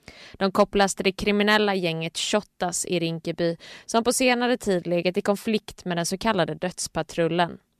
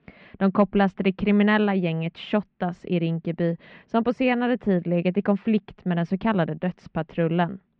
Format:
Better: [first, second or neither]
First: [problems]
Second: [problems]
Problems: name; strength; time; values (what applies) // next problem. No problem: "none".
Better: first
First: none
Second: muffled; very; fading above 2.5 kHz